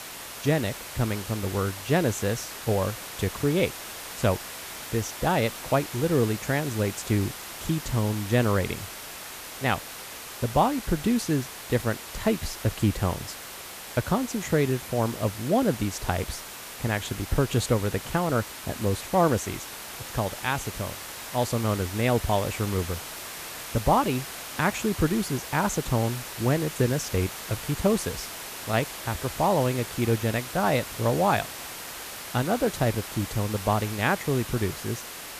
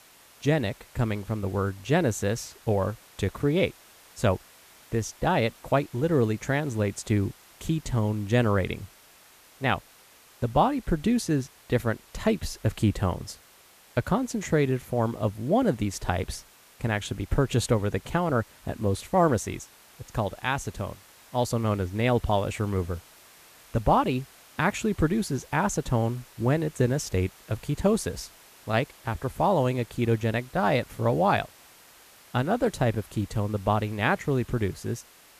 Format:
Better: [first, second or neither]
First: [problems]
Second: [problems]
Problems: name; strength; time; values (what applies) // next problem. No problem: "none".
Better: second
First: hiss; loud; throughout; 9 dB below the speech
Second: hiss; faint; throughout; 25 dB below the speech